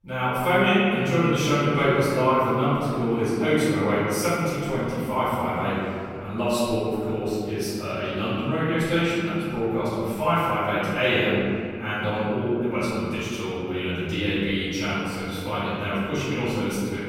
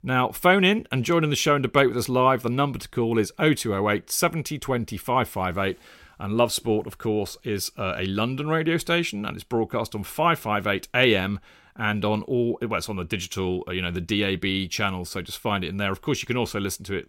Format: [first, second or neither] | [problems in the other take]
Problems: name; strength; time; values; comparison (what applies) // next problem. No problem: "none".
second | room echo; strong; dies away in 2.4 s // off-mic speech; far